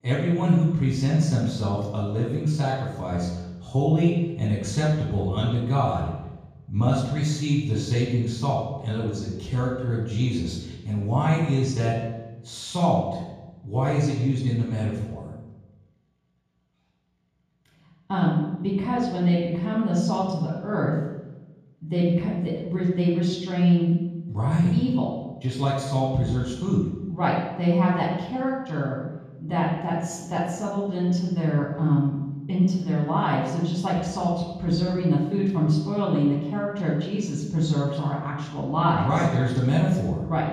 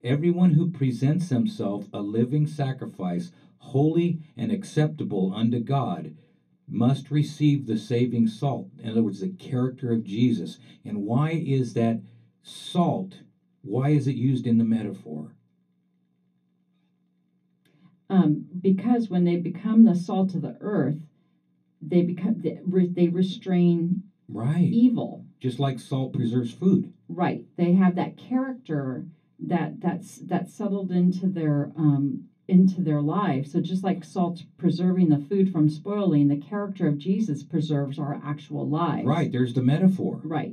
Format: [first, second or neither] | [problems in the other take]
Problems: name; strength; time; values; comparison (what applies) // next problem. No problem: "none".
second | room echo; strong; dies away in 1.3 s; slight in the second // off-mic speech; far; far in the second